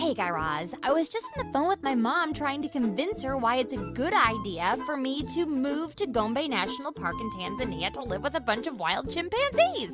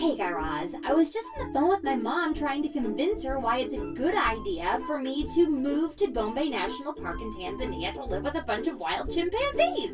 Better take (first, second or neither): first